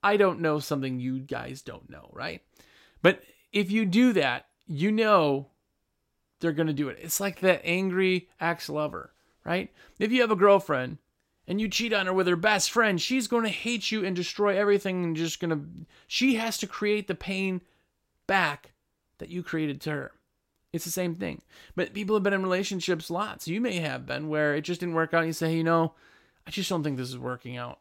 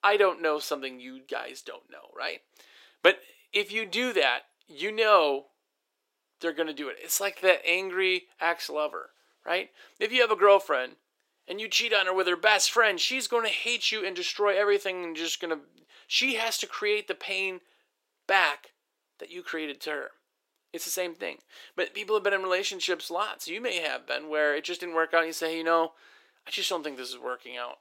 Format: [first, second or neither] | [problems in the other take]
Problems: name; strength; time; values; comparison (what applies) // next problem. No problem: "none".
first | thin; very; fading below 400 Hz